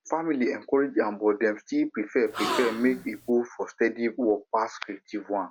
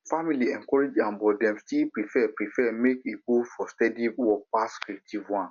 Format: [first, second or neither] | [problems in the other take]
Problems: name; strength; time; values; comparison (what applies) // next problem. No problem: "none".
second | background sound (Gasp); 6 dB below the speech